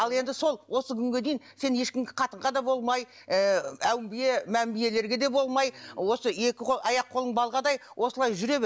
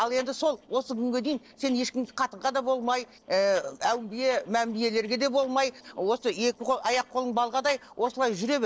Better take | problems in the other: first | noise reduction (neural separator model SepFormer DNS4)

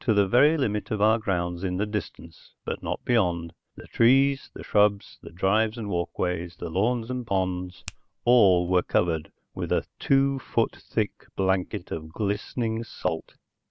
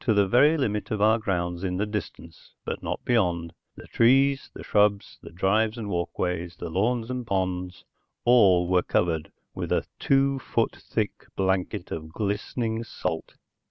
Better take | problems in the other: second | background sound (Finger snapping); 19 dB below the speech

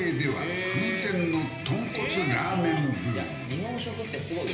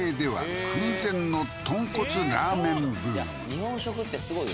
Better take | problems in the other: second | room echo; dies away in 1.4 s

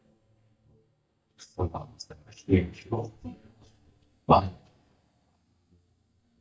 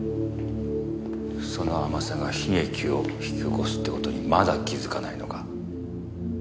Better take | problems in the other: second | noise reduction (neural mask model DeepFilterNet 3)

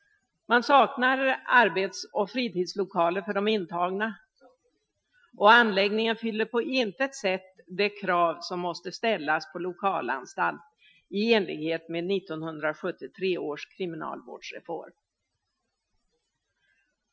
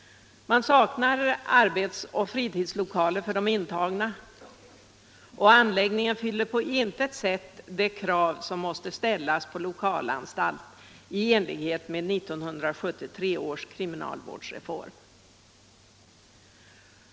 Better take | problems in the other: second | noise reduction (classical method Wiener filter)

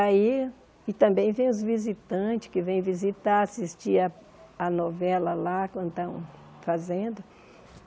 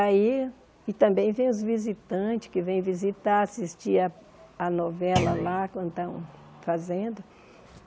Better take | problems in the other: first | background sound (Thump, thud); 3 dB below the speech

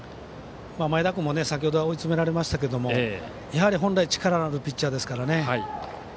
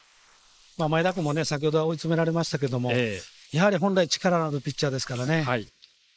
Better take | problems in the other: first | noise reduction (neural mask model Resemble Enhance denoiser)

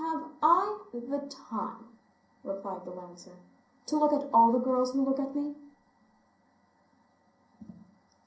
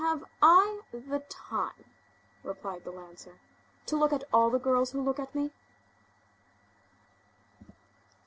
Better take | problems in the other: second | room echo; dies away in 0.6 s

